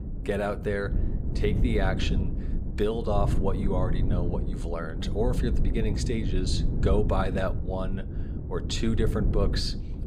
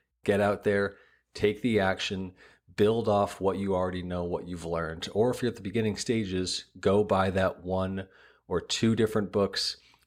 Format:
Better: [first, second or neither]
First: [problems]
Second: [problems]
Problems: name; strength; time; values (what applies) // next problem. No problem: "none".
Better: second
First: low rumble; loud; throughout; 9 dB below the speech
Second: none